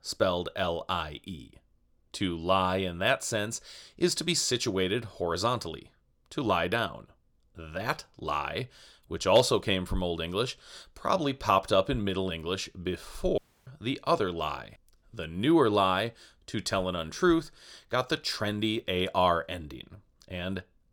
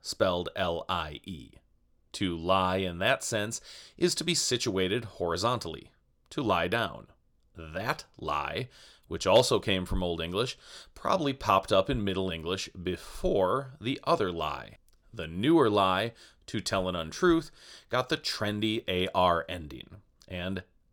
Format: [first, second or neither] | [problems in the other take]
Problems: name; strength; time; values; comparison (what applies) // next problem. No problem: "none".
second | audio cutting out; at 13 s